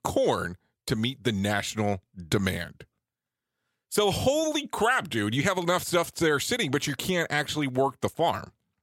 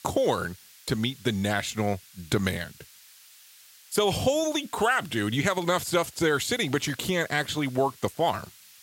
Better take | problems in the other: first | hiss; faint; throughout; 20 dB below the speech

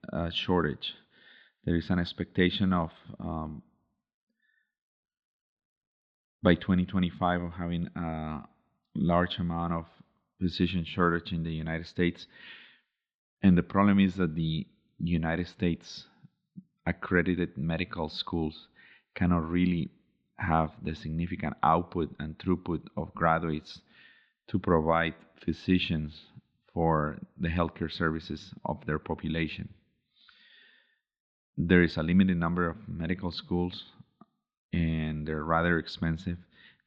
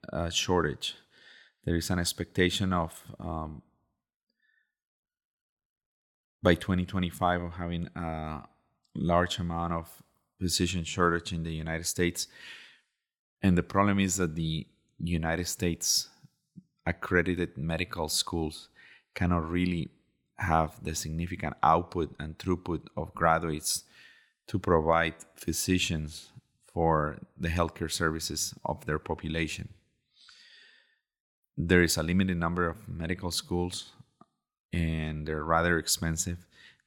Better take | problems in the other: second | muffled; slightly; fading above 4 kHz

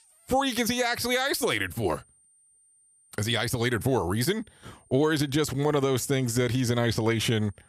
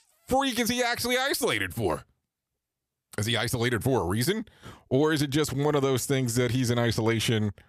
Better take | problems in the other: second | high-pitched whine; faint; throughout; 9 kHz, 35 dB below the speech

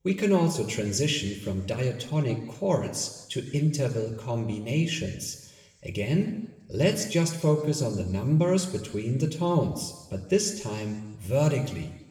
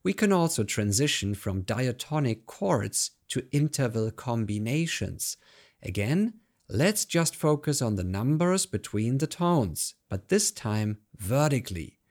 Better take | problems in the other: second | room echo; slight; dies away in 1.1 s // off-mic speech; somewhat distant

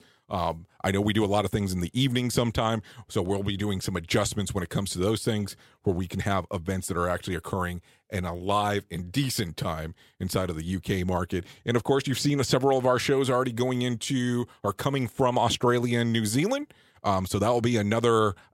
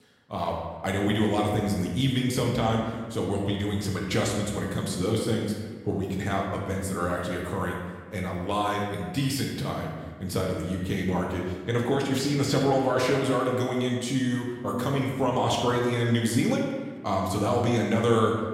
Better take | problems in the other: first | room echo; noticeable; dies away in 1.2 s // off-mic speech; somewhat distant

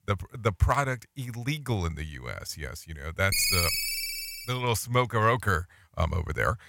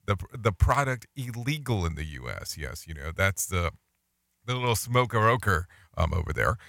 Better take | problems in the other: second | phone ringing; loud; from 3.5 to 4.5 s; peak 5 dB above the speech

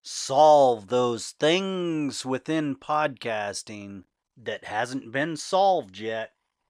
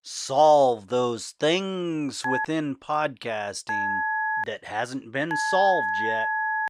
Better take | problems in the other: first | phone ringing; loud; from 2 s on; peak level with the speech

